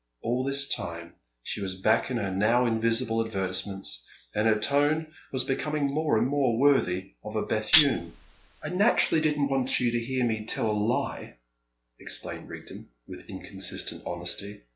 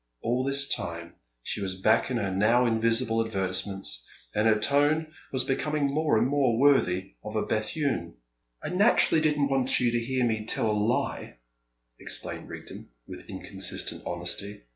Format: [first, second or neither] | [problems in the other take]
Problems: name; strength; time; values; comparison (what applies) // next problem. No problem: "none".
second | background sound (Tambourine); 1 dB below the speech